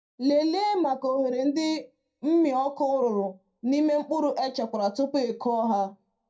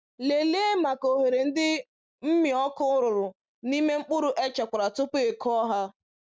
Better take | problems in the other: second | room echo; dies away in 0.2 s

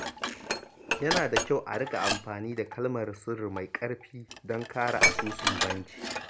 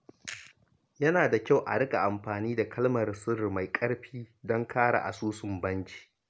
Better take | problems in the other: second | background sound (Dishes, pots, and pans); as loud as the speech

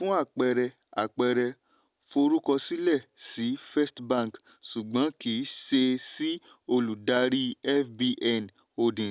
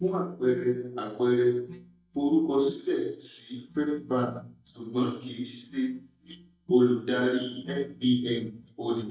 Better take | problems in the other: first | noise reduction (neural mask model DeepFilterNet 3)

